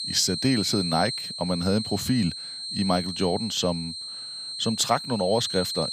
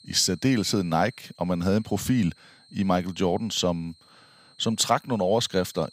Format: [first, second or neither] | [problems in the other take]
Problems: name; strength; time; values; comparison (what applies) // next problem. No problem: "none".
second | high-pitched whine; loud; throughout; 4 kHz, 5 dB below the speech; faint in the second